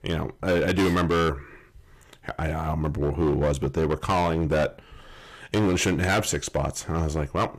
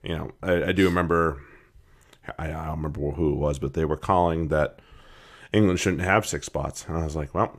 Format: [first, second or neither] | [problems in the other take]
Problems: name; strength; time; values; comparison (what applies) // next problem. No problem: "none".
second | distortion; heavy; 11% of the sound clipped